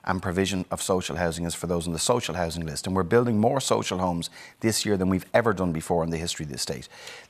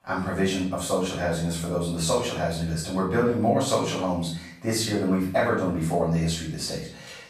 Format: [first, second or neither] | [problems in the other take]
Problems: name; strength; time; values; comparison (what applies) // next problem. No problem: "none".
first | off-mic speech; far // room echo; noticeable; dies away in 0.5 s